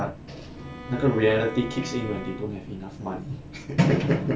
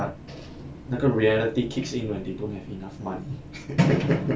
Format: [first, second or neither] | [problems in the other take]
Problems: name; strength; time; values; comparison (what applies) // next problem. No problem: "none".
second | background sound (Bowed string instrument); 15 dB below the speech